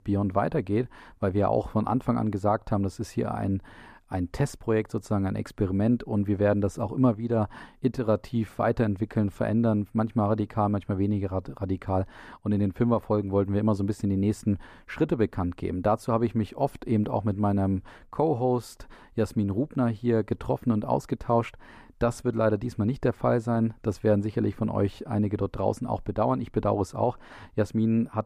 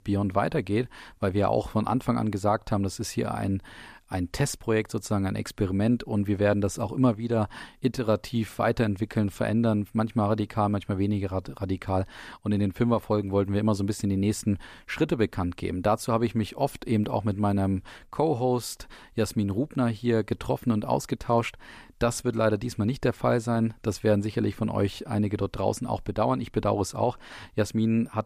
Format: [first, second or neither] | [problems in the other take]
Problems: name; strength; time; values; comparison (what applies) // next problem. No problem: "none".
second | muffled; slightly; fading above 2 kHz